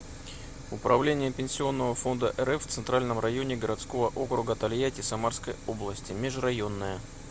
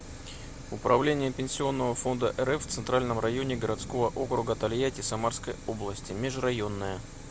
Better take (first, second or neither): first